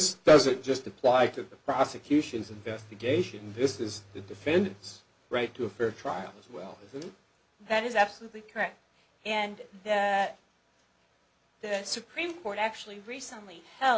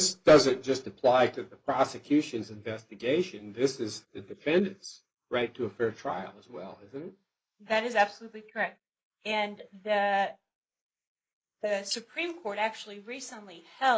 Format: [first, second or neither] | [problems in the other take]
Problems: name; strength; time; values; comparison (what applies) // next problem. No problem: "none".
first | noise reduction (neural mask model Resemble Enhance denoiser)